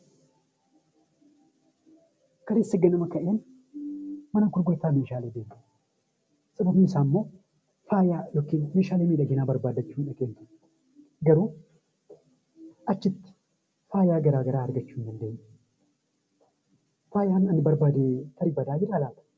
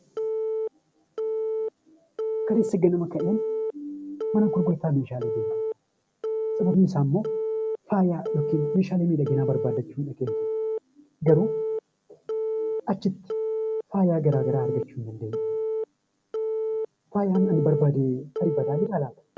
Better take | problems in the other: first | background sound (Telephone); 3 dB below the speech

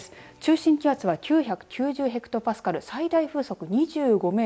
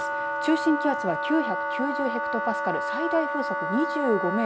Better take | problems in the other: first | background sound (Wind instrument, woodwind instrument); 1 dB below the speech

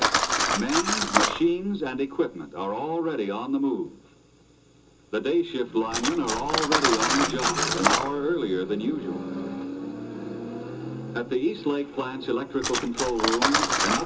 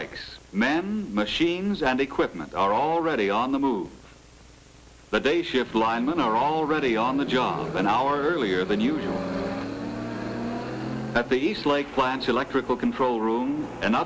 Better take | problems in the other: second | background sound (Cutlery, silverware); 1 dB below the speech // room echo; dies away in 0.2 s

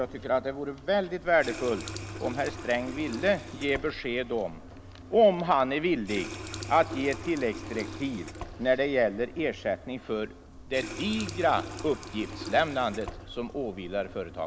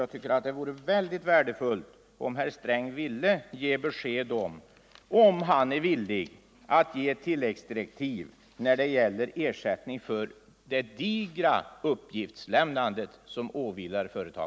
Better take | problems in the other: second | background sound (Water tap, faucet); 12 dB below the speech

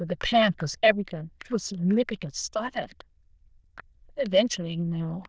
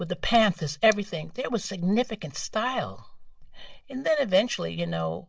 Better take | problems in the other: second | noise reduction (neural diffusion model UNIVERSE++)

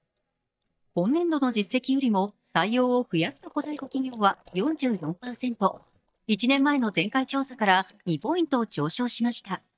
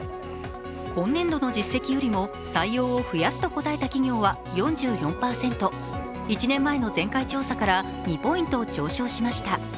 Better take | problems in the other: second | noise reduction (neural mask model DeepFilterNet 3)

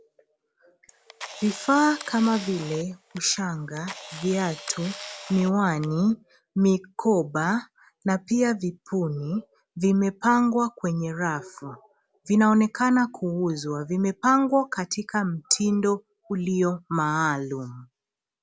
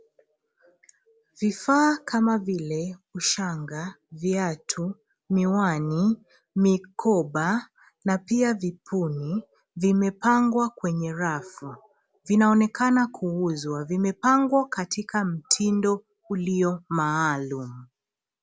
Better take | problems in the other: second | background sound (Camera); 16 dB below the speech

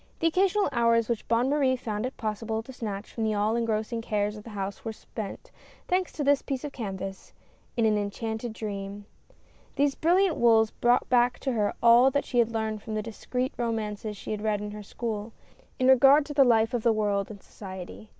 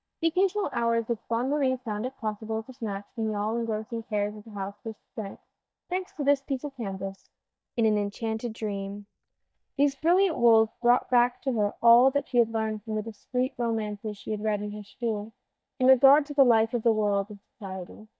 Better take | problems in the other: first | noise reduction (neural mask model DeepFilterNet 3)

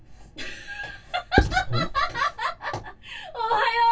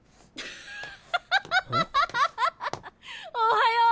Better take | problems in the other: second | background sound (Writing); 3 dB above the speech // room echo; dies away in 0.1 s

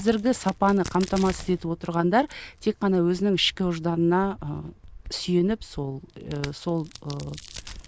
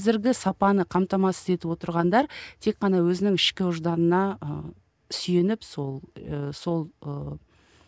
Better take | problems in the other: second | background sound (Crack); 17 dB below the speech

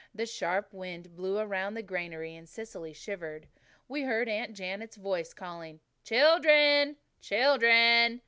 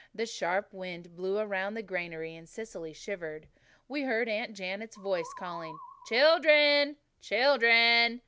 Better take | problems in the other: first | background sound (Musical instrument); 16 dB below the speech

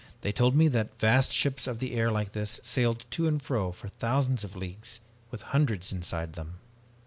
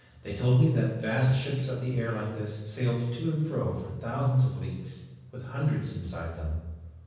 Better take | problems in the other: first | room echo; dies away in 1.1 s

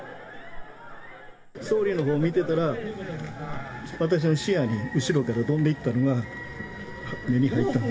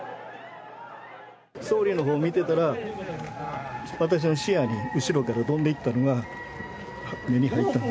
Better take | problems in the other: second | background sound (Cricket / Frog); 17 dB below the speech // room echo; dies away in 1.1 s

